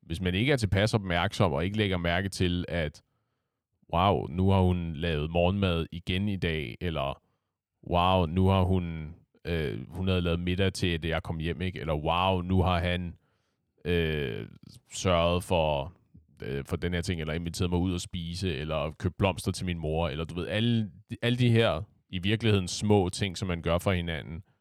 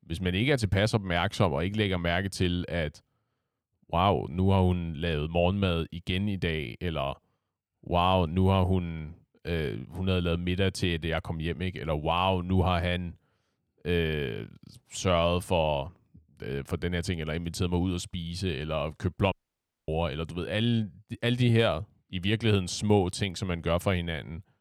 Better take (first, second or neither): first